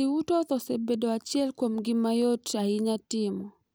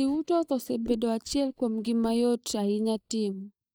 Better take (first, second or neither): first